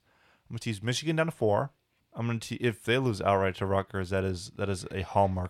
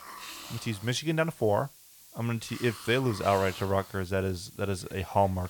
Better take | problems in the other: first | hiss; noticeable; throughout; 15 dB below the speech

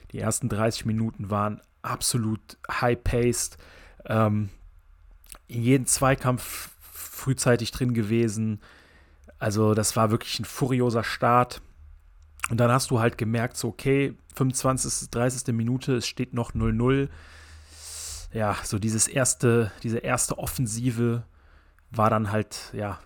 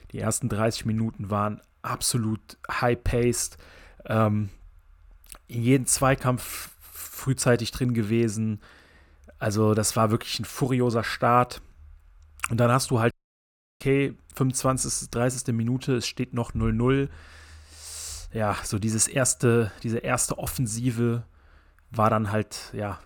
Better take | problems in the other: first | audio cutting out; at 13 s for 0.5 s

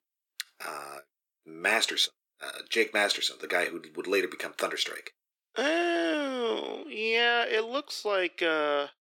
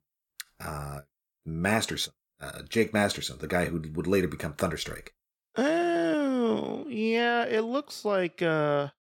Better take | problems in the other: second | thin; somewhat; fading below 350 Hz

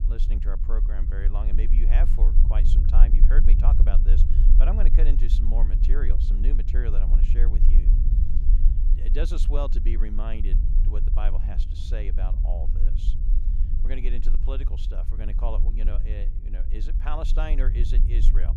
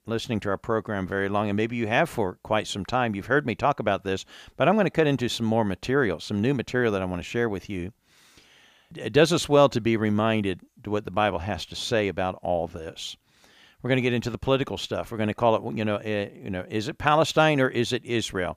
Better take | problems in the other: second | low rumble; loud; throughout; 6 dB below the speech

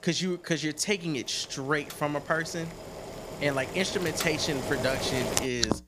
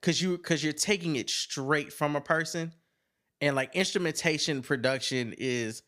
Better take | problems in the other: second | household noises; loud; throughout; 5 dB below the speech

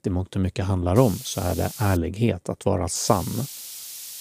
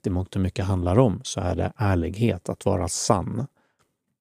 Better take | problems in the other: second | hiss; noticeable; from 1 to 2 s and from 3 s on; 10 dB below the speech

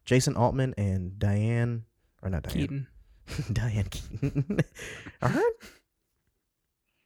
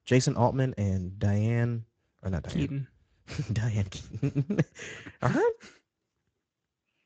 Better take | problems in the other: first | garbled, watery; slightly; nothing above 7.5 kHz

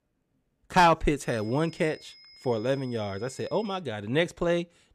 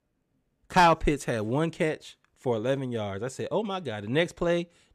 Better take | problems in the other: second | high-pitched whine; faint; from 1.5 to 4 s; 5 kHz, 25 dB below the speech

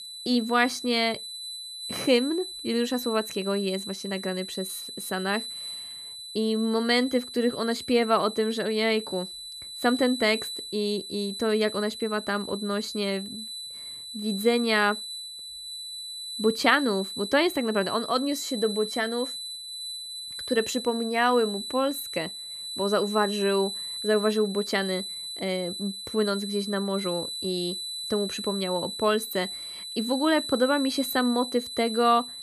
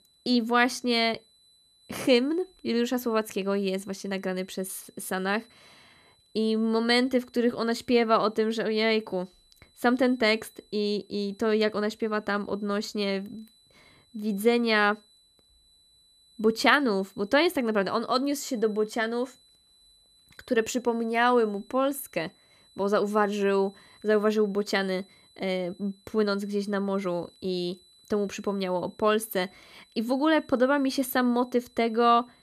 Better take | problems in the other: second | high-pitched whine; loud; throughout; 4 kHz, 7 dB below the speech; faint in the second

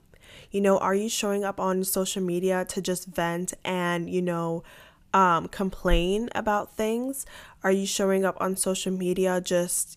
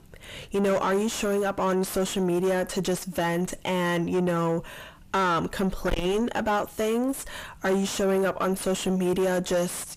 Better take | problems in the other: first | distortion; heavy; 5 dB below the speech

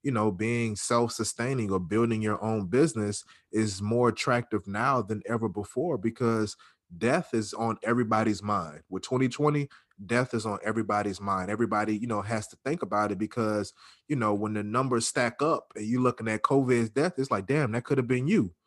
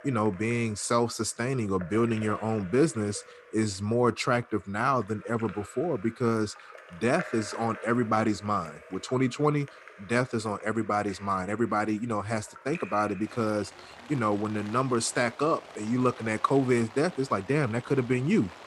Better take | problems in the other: first | rain or running water; noticeable; throughout; 20 dB below the speech

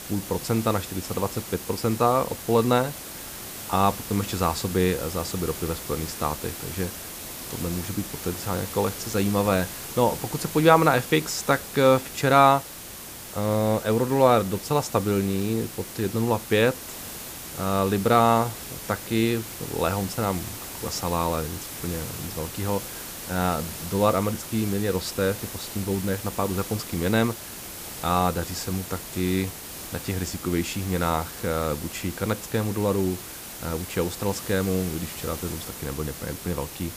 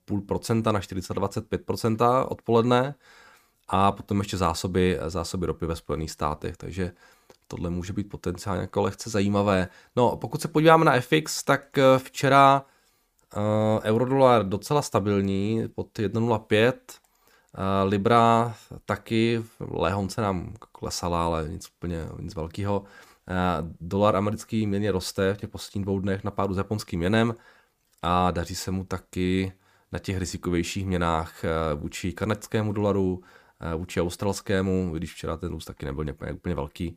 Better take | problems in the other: second | hiss; loud; throughout; 10 dB below the speech

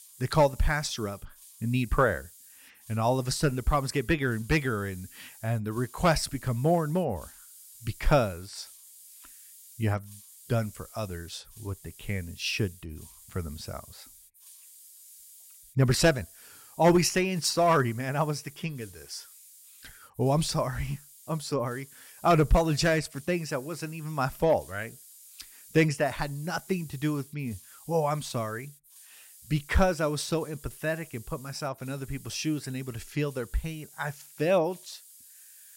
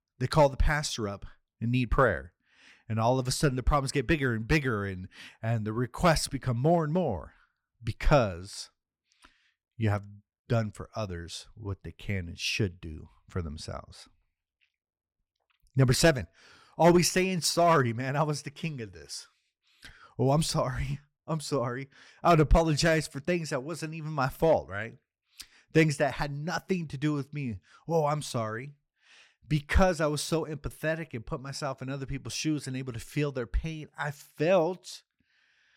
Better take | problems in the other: second | hiss; faint; throughout; 20 dB below the speech

